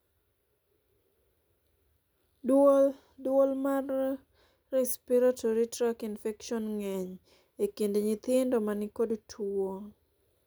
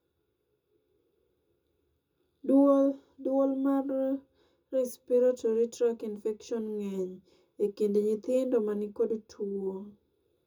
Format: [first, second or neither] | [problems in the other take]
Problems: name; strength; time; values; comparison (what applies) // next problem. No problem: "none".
first | room echo; dies away in 0.2 s